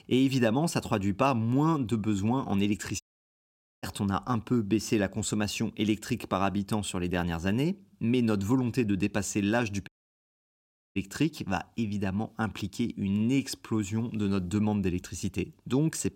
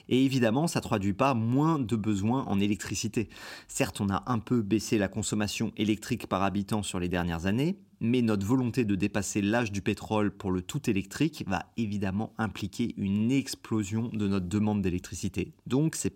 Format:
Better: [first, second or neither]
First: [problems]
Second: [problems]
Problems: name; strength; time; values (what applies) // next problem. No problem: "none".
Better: second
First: audio cutting out; at 3 s for 1 s and at 10 s for 1 s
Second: none